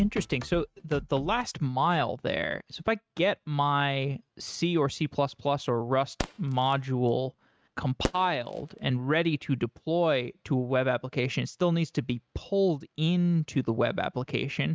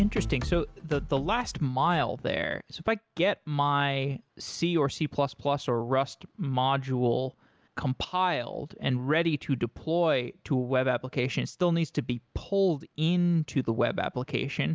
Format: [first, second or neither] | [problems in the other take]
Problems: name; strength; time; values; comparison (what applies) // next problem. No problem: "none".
second | noise reduction (neural mask model RNNoise)